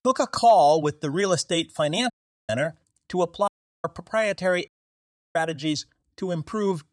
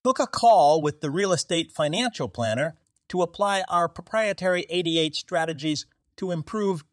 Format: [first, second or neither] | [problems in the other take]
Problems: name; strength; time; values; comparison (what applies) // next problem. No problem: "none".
second | audio cutting out; at 2 s, at 3.5 s and at 4.5 s for 0.5 s